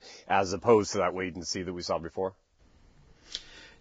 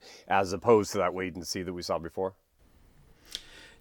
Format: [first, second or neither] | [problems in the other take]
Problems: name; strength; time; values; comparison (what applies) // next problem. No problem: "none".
second | garbled, watery; badly